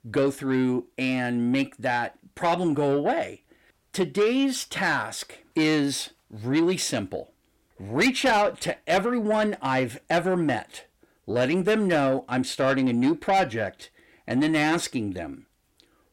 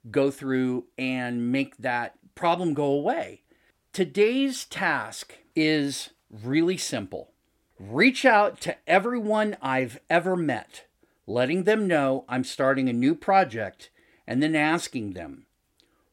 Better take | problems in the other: second | distortion; slight; 10 dB below the speech

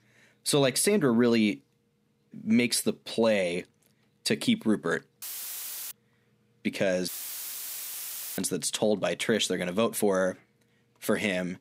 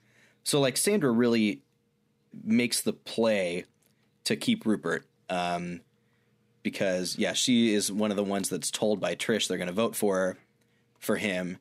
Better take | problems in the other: second | audio cutting out; filled with static; at 5 s for 0.5 s and at 7 s for 1.5 s

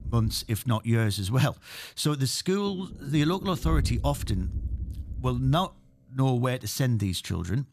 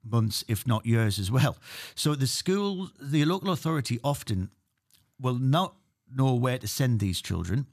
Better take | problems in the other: second | low rumble; noticeable; throughout; 20 dB below the speech

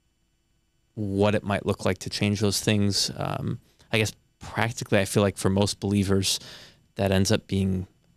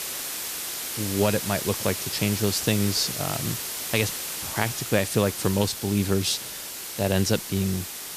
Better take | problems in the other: first | hiss; loud; throughout; 4 dB below the speech

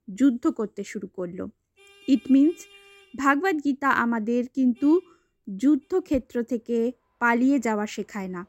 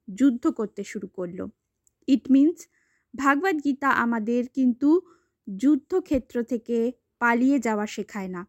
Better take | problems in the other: second | traffic noise; faint; throughout; 30 dB below the speech

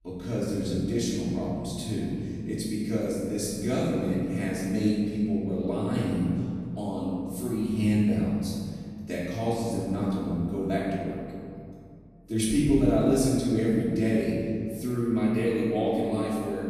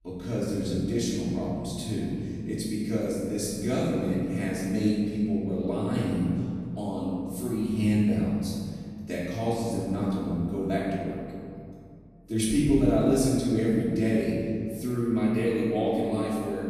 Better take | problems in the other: neither | off-mic speech; far; the same in both // room echo; strong; dies away in 2.2 s; the same in both

